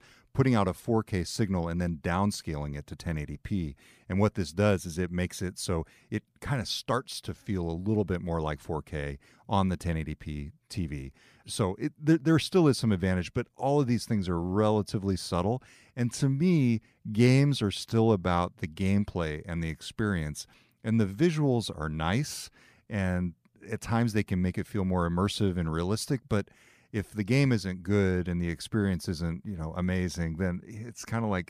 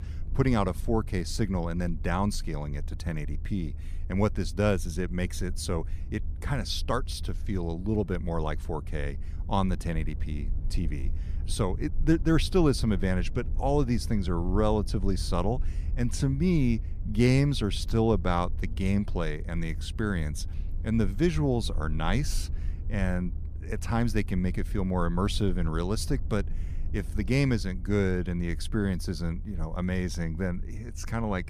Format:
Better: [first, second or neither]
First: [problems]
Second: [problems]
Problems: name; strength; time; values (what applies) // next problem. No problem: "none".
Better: first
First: none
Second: low rumble; faint; throughout; 20 dB below the speech